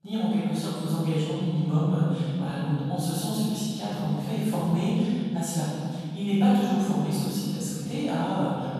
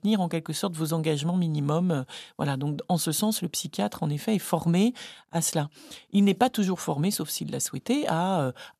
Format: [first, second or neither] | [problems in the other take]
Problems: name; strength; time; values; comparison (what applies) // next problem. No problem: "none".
second | room echo; strong; dies away in 2.5 s // off-mic speech; far